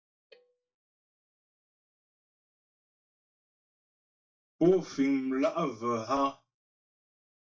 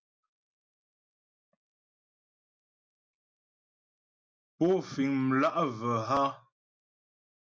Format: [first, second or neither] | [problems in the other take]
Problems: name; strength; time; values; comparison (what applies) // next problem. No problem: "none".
second | noise reduction (neural mask model DeepFilterNet 3)